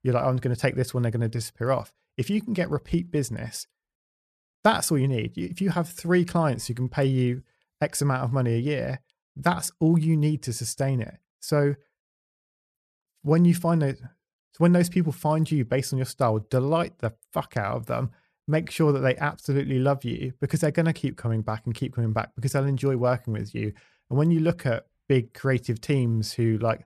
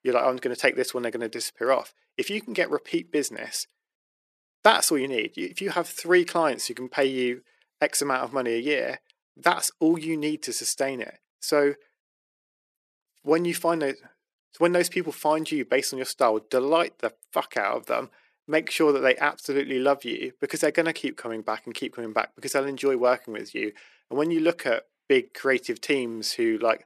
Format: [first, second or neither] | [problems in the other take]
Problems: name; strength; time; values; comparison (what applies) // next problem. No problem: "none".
first | thin; somewhat; fading below 300 Hz